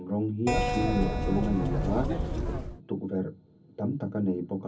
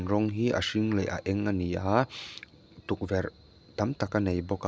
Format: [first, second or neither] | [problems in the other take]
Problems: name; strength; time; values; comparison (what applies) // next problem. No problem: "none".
second | background sound (Keyboard (musical)); 2 dB above the speech // room echo; dies away in 0.3 s